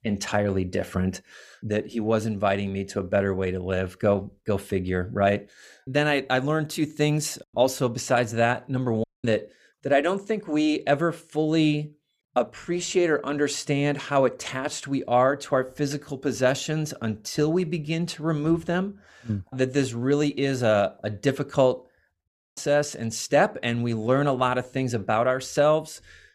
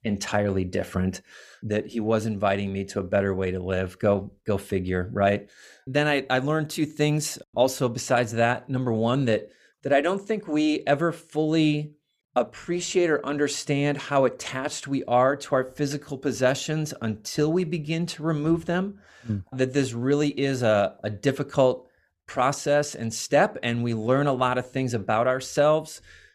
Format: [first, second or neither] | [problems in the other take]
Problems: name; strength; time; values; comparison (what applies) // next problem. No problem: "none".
second | audio cutting out; at 9 s and at 22 s